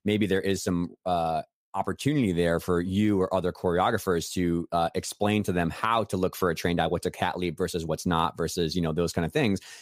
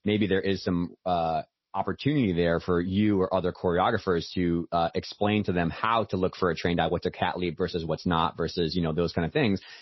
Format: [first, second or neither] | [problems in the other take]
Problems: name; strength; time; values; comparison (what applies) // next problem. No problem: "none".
first | garbled, watery; slightly; nothing above 5.5 kHz